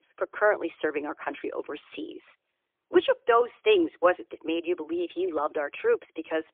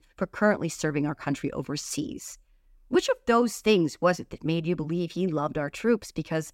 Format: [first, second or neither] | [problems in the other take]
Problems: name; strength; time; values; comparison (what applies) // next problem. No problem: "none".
second | phone-call audio; poor line; nothing above 3.5 kHz